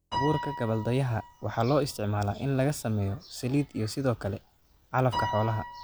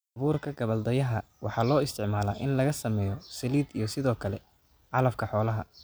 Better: second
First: background sound (Piano); 10 dB below the speech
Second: none

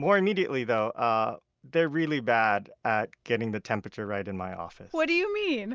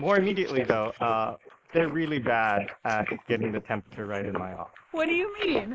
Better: first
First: none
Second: noise reduction (neural mask model Resemble Enhance denoiser)

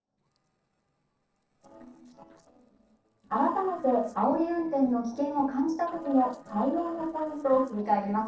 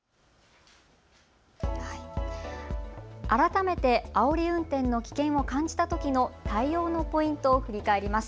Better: second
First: noise reduction (neural separator model SepFormer DNS4)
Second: none

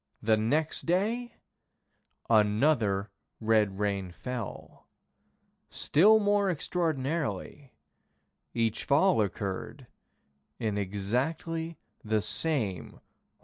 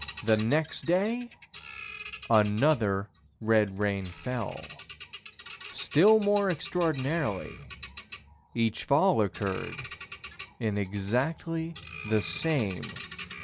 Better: first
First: none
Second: background sound (Bird vocalization, bird call, bird song); 16 dB below the speech

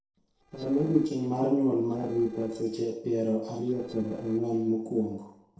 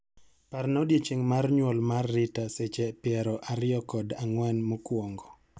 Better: second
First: noise reduction (neural separator model SepFormer DNS4)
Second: none

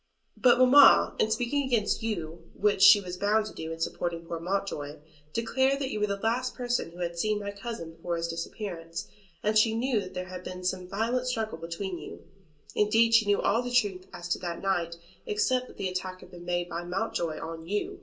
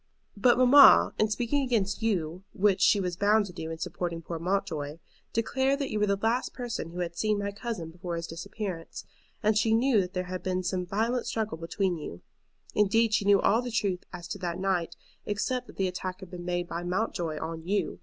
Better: second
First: room echo; dies away in 0.2 s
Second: none

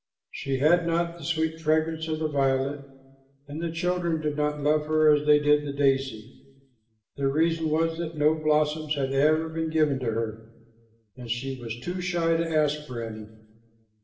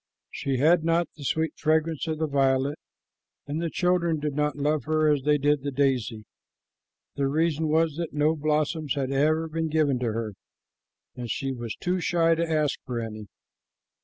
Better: second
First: room echo; dies away in 0.9 s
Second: none

